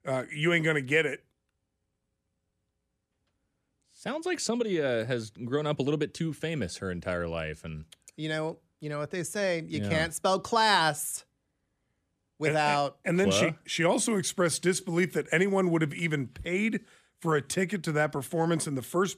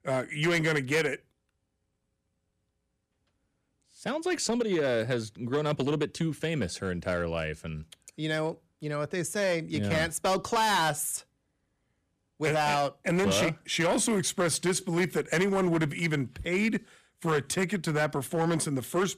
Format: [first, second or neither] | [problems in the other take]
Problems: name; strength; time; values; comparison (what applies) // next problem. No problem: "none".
first | distortion; slight; 7% of the sound clipped